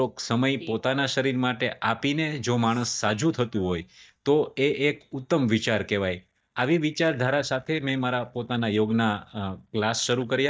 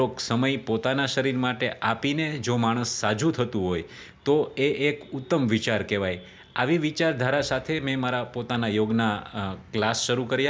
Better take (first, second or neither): second